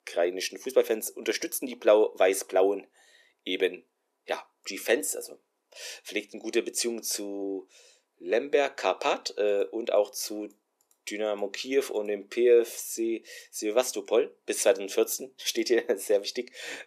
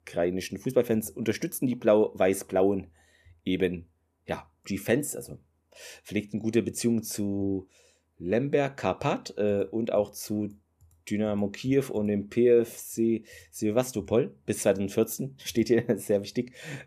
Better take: second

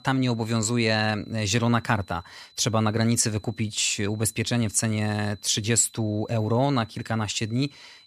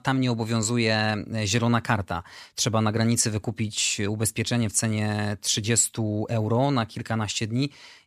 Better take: second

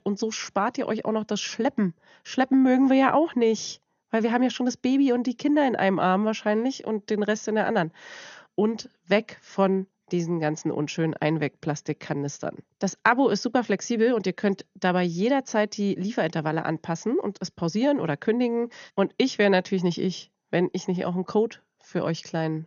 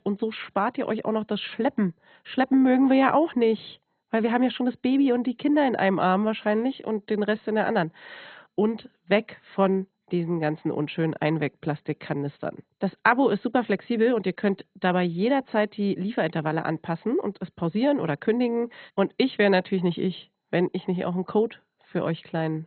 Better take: first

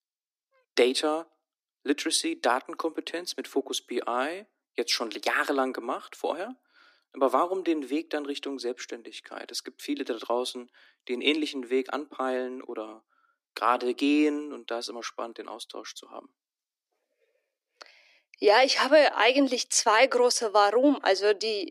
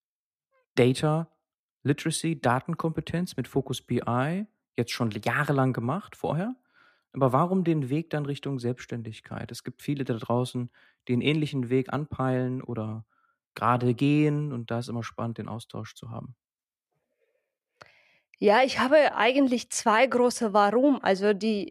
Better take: second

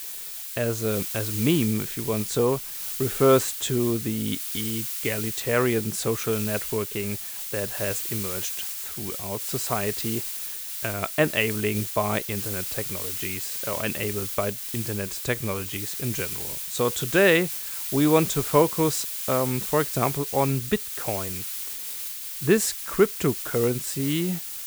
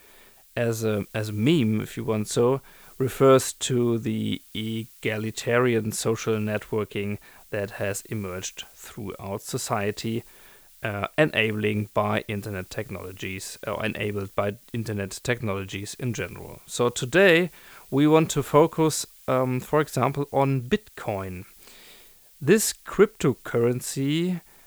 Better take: second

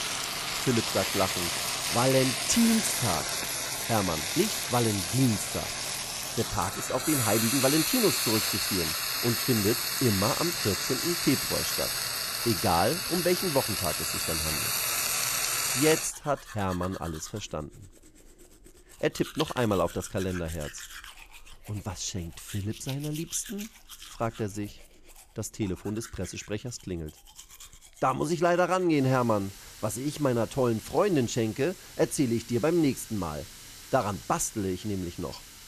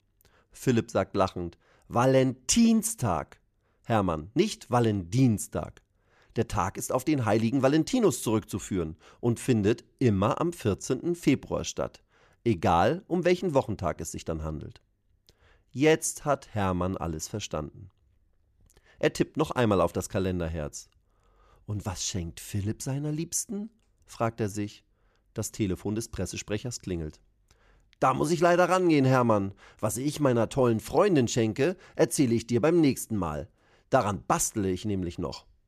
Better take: second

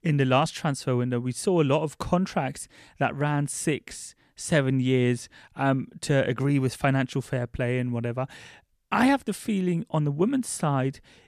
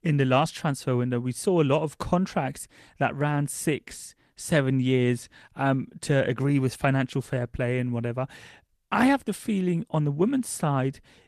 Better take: first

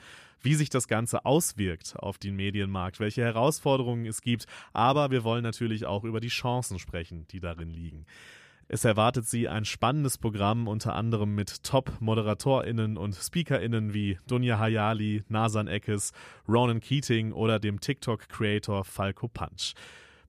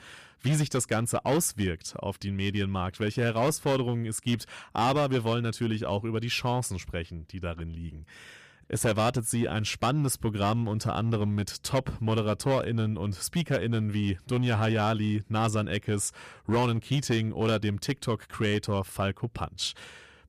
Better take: first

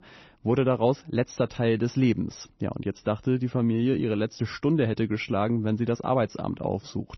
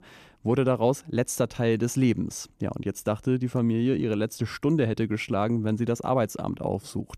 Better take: second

